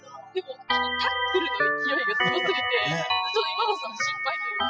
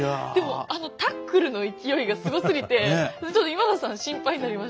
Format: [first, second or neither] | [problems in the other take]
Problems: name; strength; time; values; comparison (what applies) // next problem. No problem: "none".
second | noise reduction (classical method spectral subtraction)